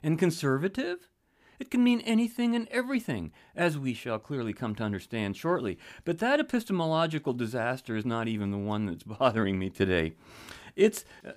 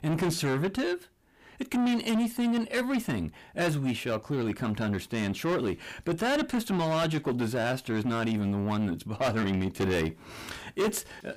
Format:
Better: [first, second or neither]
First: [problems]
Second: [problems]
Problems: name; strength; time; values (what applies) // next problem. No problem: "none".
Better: first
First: none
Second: distortion; heavy; 6 dB below the speech